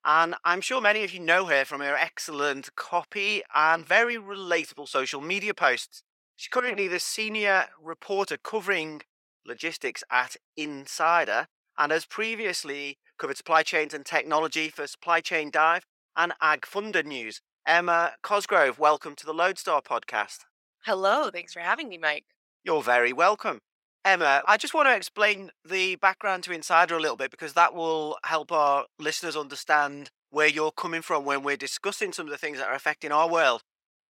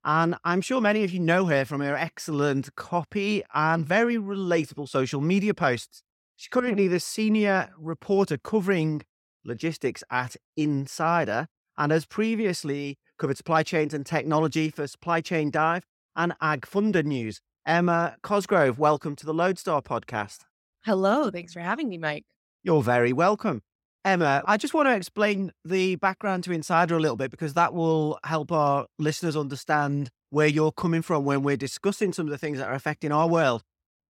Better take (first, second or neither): second